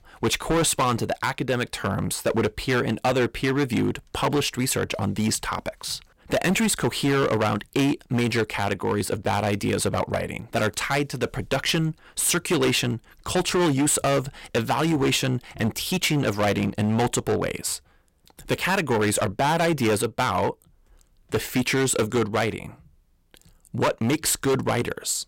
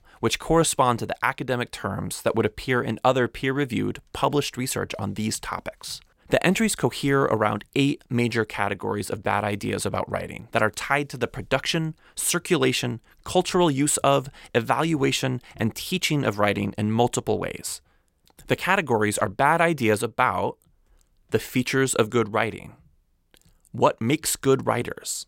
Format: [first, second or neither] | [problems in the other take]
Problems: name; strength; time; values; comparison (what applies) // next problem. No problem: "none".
second | distortion; heavy; 12% of the sound clipped